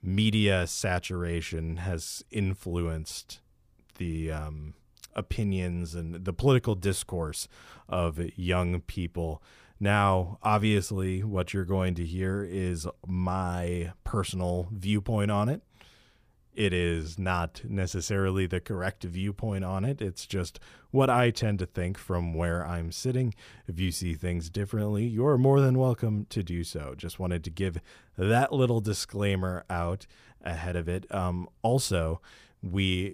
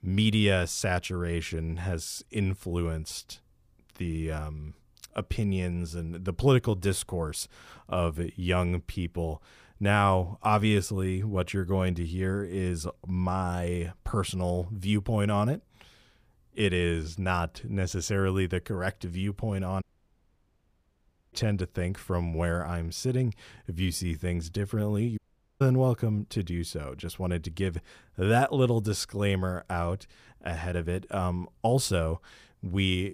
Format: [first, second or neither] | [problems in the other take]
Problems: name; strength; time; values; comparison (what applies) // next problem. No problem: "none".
first | audio cutting out; at 20 s for 1.5 s and at 25 s